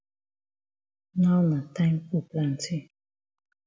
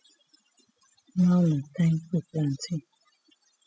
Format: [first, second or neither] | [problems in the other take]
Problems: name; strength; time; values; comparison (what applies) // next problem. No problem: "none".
first | noise reduction (classical method spectral subtraction)